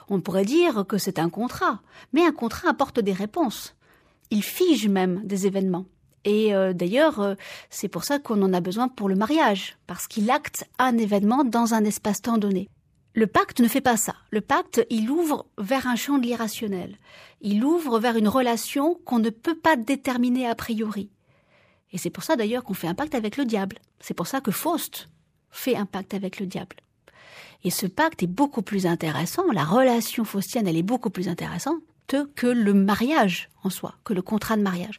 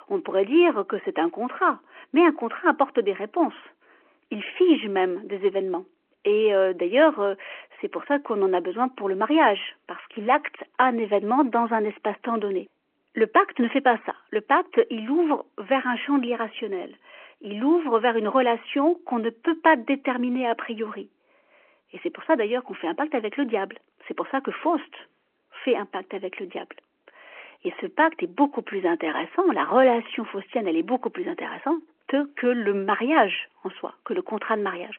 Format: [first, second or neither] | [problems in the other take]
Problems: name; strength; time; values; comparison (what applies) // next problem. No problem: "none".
first | phone-call audio